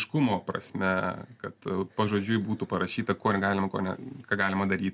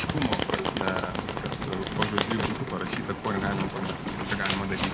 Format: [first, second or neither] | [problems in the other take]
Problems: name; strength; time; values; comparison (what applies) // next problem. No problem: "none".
first | background sound (Rain + Domestic sounds, home sounds); 2 dB above the speech